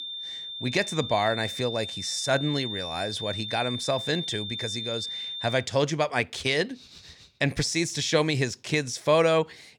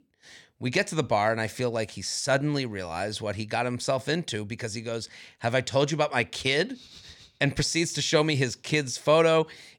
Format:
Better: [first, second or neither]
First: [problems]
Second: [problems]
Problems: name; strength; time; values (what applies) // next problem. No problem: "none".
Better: second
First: high-pitched whine; loud; until 5.5 s; 3.5 kHz, 6 dB below the speech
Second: none